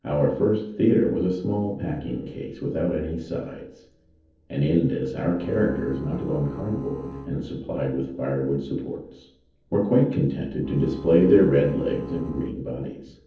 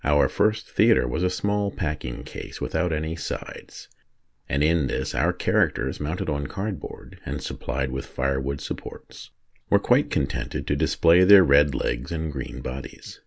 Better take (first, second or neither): second